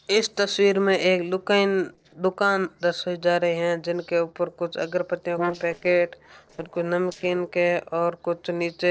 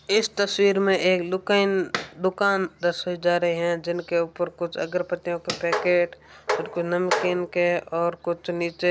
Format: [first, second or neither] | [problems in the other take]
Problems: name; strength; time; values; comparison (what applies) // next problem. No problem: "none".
second | noise reduction (neural separator model SepFormer DNS4)